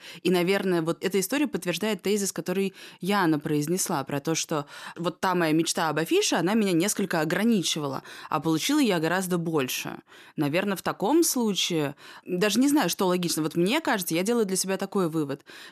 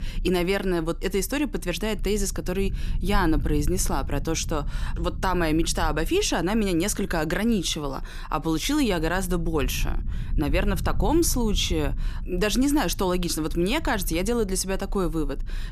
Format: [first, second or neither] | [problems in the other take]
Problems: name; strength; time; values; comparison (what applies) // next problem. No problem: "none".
first | low rumble; faint; throughout; 25 dB below the speech